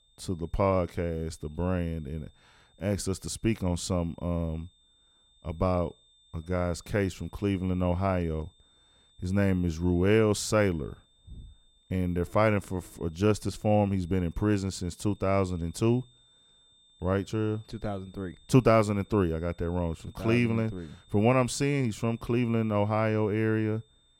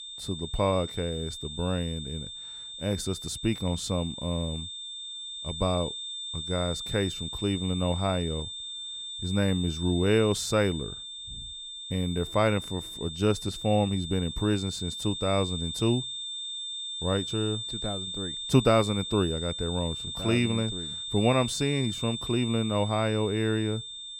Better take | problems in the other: first | high-pitched whine; loud; throughout; 3.5 kHz, 6 dB below the speech; faint in the first

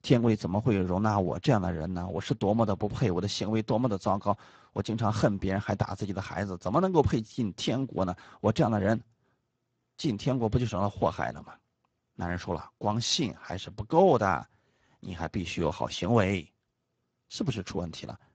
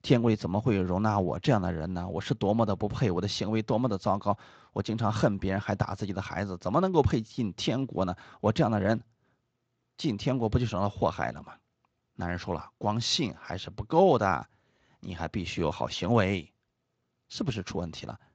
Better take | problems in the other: second | garbled, watery; badly; slightly in the second

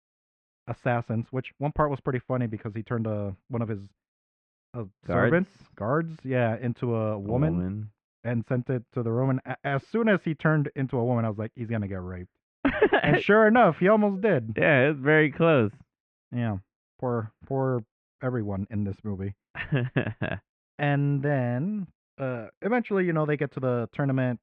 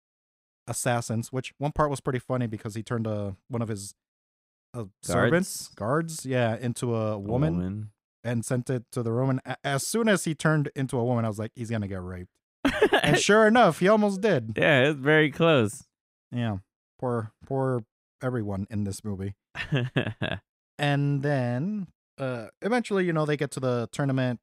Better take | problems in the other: second | muffled; very; fading above 2.5 kHz

